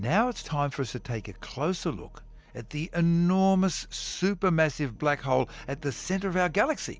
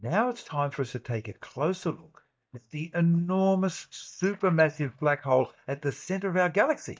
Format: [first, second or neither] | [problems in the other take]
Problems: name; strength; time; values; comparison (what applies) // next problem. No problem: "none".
first | noise reduction (neural mask model DeepFilterNet 3)